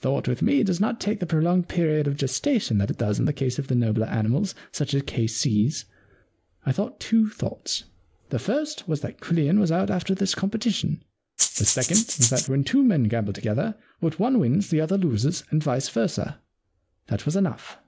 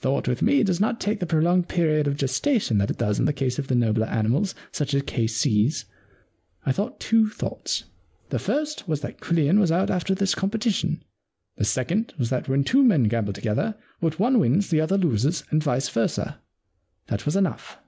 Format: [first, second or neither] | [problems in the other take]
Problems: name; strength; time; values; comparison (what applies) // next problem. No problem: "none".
second | background sound (Rattle (instrument)); as loud as the speech